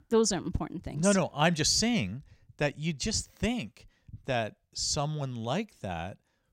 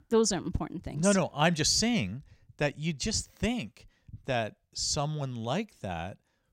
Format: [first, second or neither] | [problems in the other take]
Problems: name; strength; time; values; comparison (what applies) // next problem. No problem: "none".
neither | none